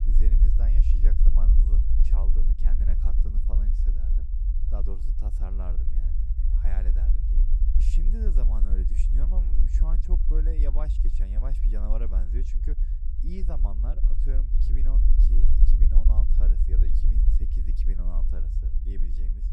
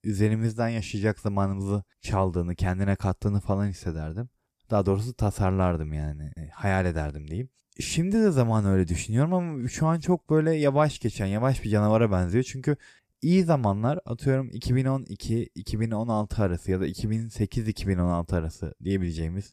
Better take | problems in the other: second | low rumble; loud; throughout; 1 dB below the speech

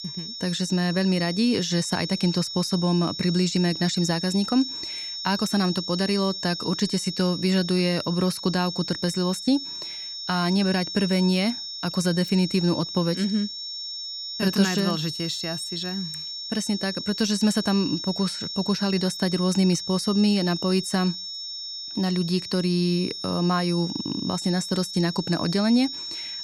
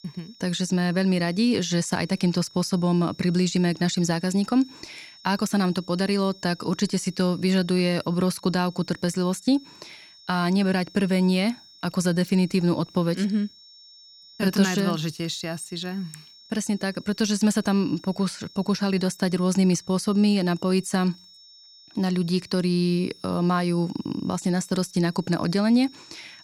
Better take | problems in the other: second | high-pitched whine; loud; throughout; 5.5 kHz, 7 dB below the speech; faint in the second

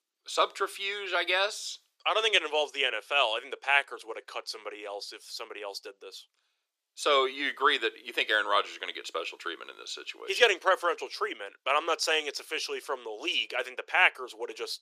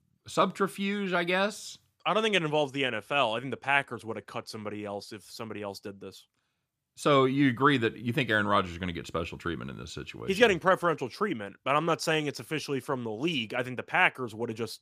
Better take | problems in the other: second | thin; very; fading below 400 Hz

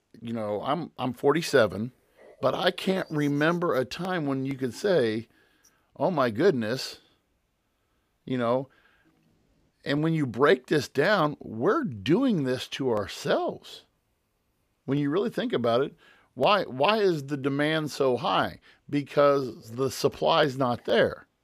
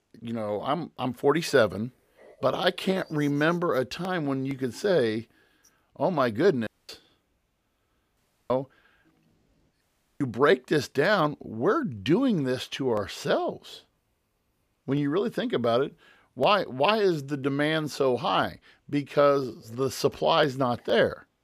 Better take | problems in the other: first | audio cutting out; at 6.5 s, at 8 s and at 10 s

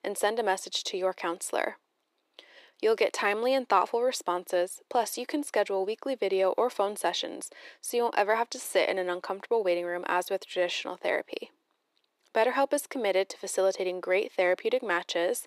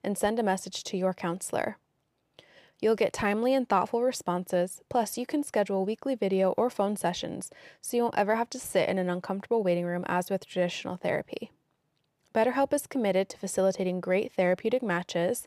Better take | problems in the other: second | thin; somewhat; fading below 300 Hz

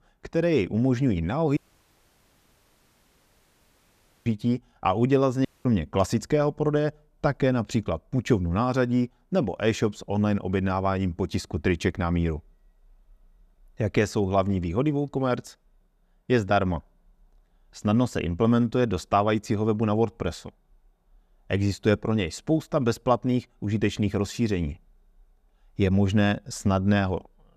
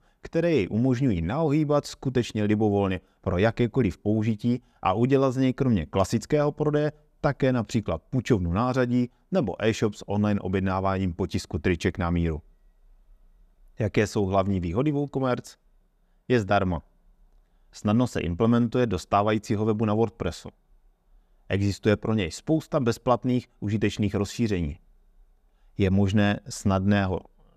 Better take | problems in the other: second | audio cutting out; at 1.5 s for 2.5 s and at 5.5 s

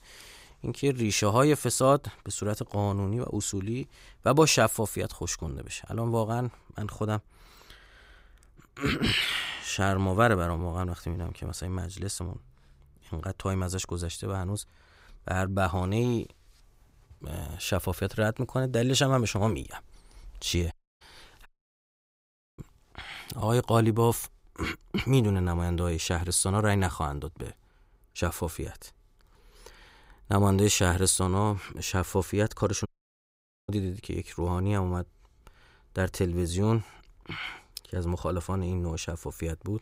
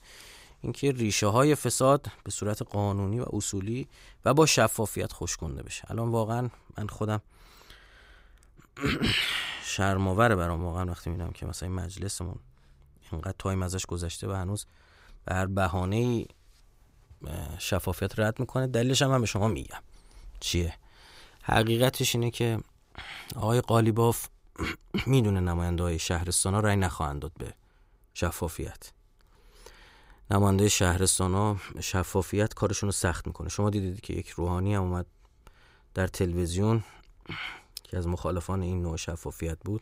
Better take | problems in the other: second | audio cutting out; at 21 s for 1 s and at 33 s for 1 s

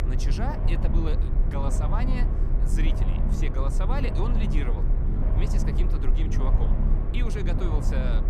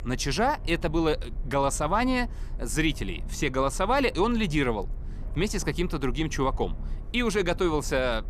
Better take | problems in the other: second | low rumble; loud; throughout; 2 dB below the speech; faint in the second

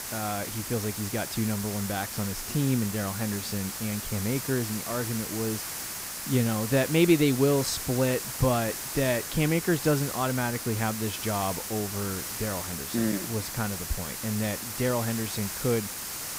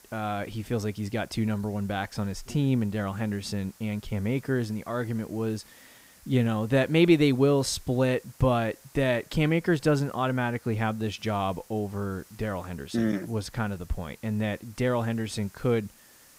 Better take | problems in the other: second | hiss; loud; throughout; 4 dB below the speech; faint in the second

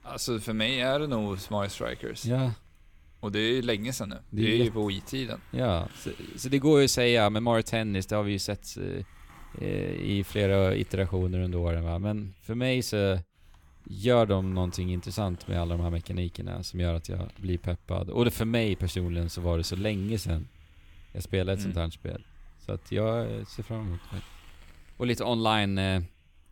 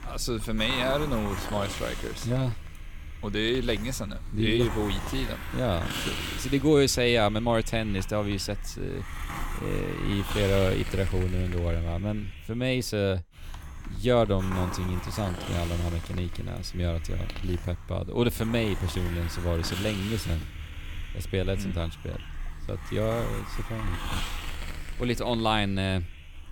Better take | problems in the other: first | hiss; loud; throughout; 9 dB below the speech; faint in the first

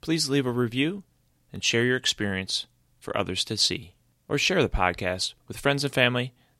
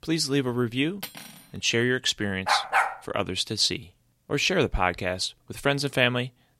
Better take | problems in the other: first | clattering dishes; faint; at 1 s; peak 10 dB below the speech // dog barking; loud; at 2.5 s; peak 3 dB above the speech

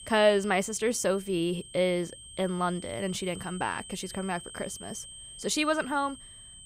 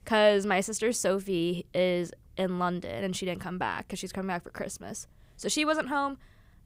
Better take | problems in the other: second | high-pitched whine; noticeable; throughout; 3 kHz, 15 dB below the speech

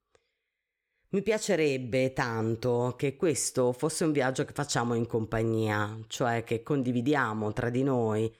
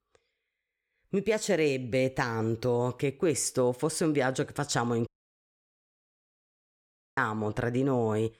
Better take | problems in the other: first | audio cutting out; at 5 s for 2 s

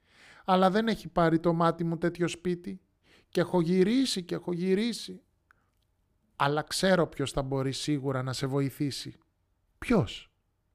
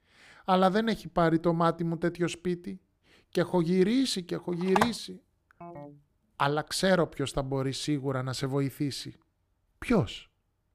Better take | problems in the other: first | phone ringing; noticeable; at 5 s; peak 1 dB below the speech // phone ringing; faint; at 5.5 s; peak 15 dB below the speech

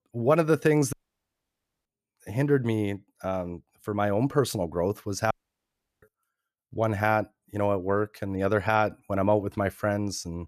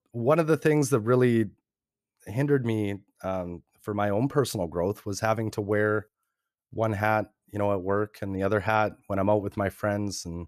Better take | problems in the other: second | audio cutting out; at 1 s for 1 s and at 5.5 s for 0.5 s

